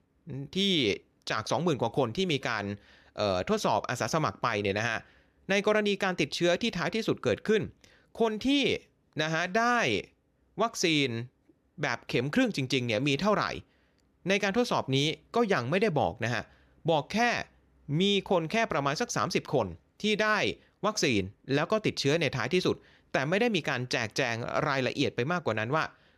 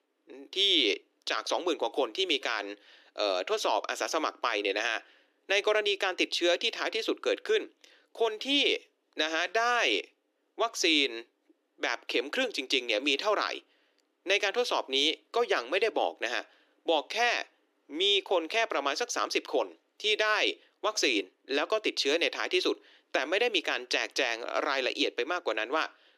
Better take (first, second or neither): first